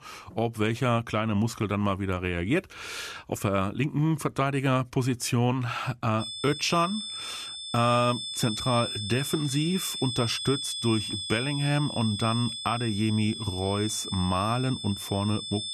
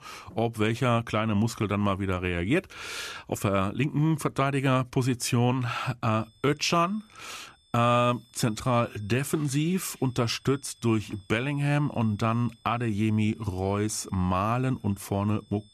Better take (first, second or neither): second